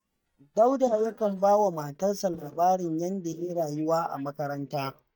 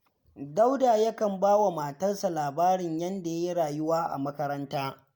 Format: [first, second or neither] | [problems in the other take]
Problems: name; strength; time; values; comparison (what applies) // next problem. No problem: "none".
second | noise reduction (neural mask model DeepFilterNet 3)